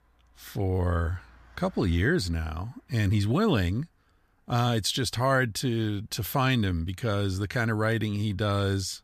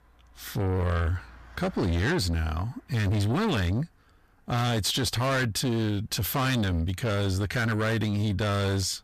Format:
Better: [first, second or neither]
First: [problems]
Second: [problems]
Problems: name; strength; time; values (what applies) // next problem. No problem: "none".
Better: first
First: none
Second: distortion; heavy; 8 dB below the speech